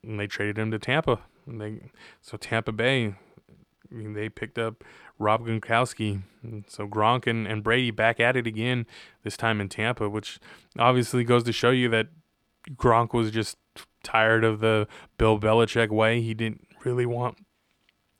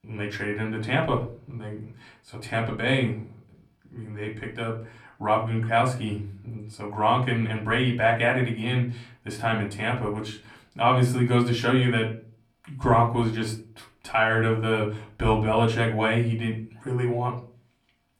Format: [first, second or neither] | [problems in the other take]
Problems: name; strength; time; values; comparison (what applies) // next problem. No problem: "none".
first | off-mic speech; somewhat distant // room echo; slight; dies away in 0.3 s